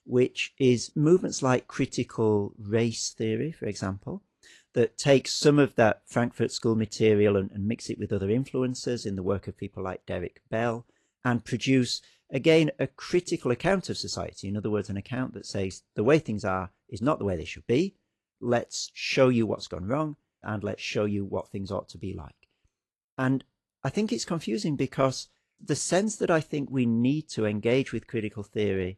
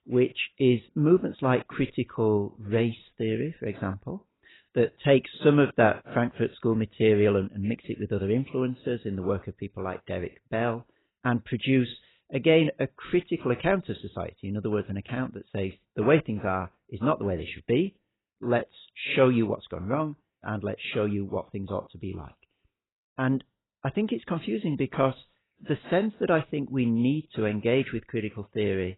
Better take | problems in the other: first | garbled, watery; badly; nothing above 4 kHz; slightly in the first

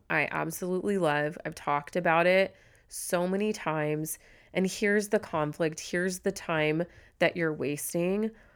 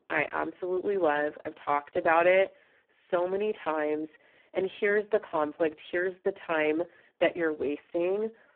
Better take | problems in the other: first | phone-call audio; poor line

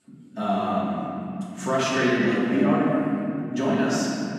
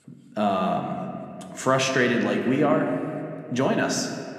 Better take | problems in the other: second | room echo; strong; dies away in 3 s; slight in the second // off-mic speech; far

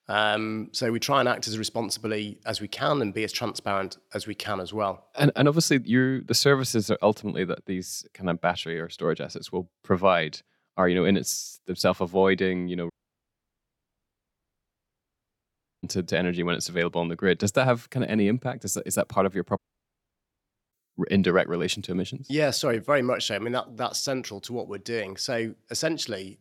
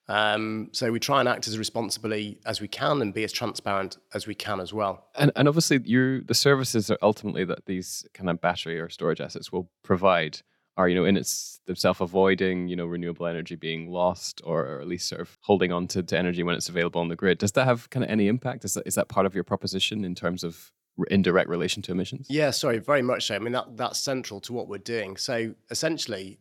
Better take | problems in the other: second | audio cutting out; at 13 s for 3 s and at 20 s for 1 s

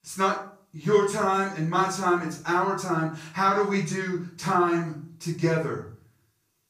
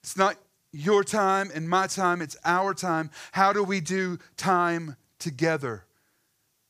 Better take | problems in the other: second | off-mic speech; far // room echo; slight; dies away in 0.4 s

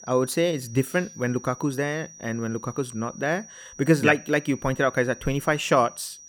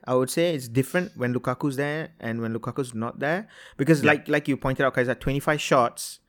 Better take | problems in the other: second | high-pitched whine; noticeable; throughout; 6 kHz, 20 dB below the speech

